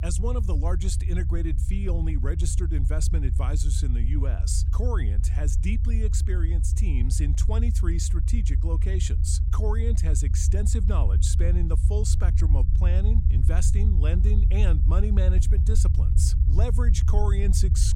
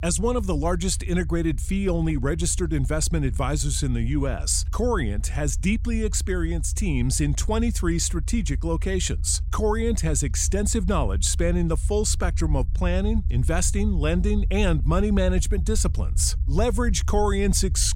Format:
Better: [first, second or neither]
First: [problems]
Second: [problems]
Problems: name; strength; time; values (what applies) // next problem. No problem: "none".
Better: second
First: low rumble; loud; throughout; 6 dB below the speech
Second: low rumble; faint; throughout; 20 dB below the speech